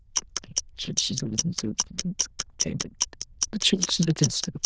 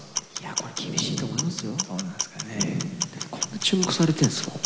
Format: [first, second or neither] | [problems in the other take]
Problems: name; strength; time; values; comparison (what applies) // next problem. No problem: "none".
second | noise reduction (neural diffusion model UNIVERSE++)